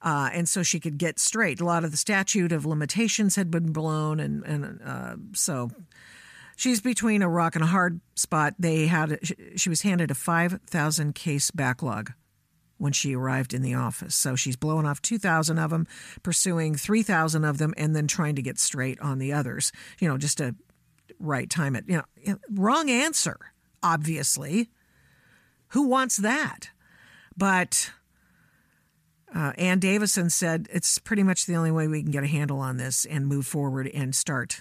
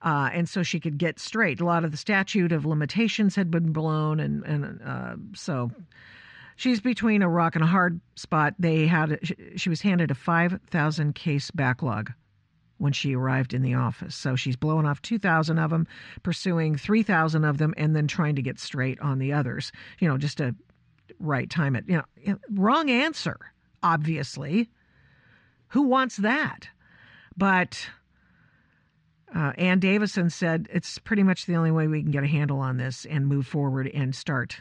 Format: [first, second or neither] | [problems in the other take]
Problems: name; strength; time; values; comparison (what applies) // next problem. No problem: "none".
first | muffled; slightly; fading above 4 kHz